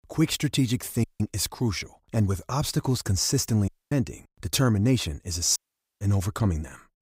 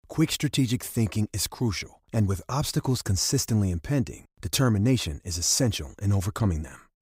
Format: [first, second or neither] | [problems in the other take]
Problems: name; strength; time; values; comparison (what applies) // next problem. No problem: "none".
second | audio cutting out; at 1 s, at 3.5 s and at 5.5 s